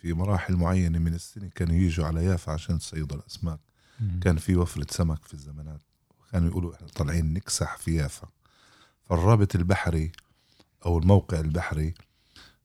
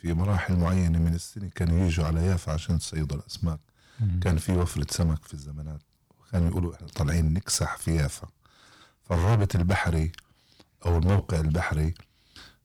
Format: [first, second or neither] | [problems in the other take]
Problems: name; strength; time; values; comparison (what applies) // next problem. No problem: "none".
first | distortion; heavy; 7% of the sound clipped